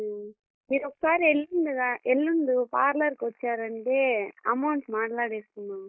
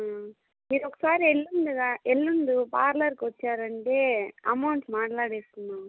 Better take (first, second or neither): second